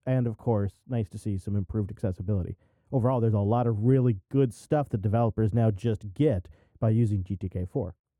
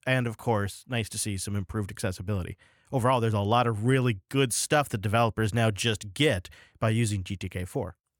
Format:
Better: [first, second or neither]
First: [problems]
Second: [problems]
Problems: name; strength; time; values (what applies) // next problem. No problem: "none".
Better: second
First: muffled; very; fading above 1 kHz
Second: none